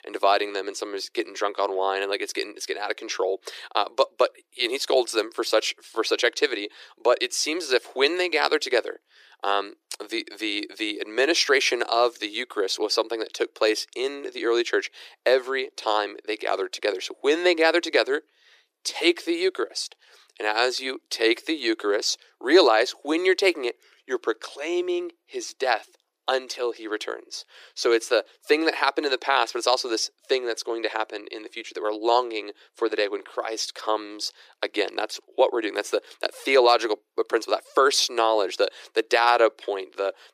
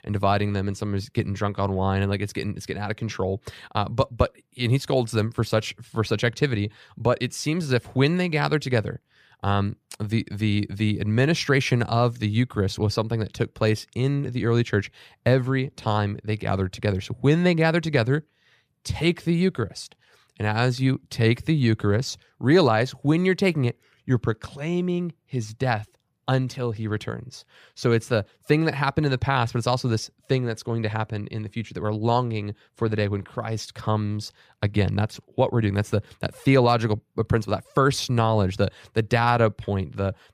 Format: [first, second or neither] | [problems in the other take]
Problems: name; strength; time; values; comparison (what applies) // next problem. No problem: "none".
second | thin; very; fading below 350 Hz